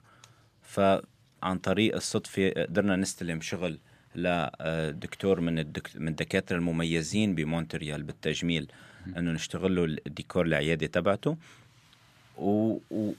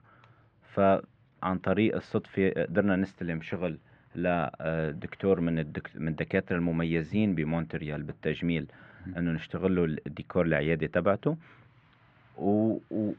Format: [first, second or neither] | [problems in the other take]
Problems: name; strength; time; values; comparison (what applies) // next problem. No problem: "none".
first | muffled; very; fading above 2.5 kHz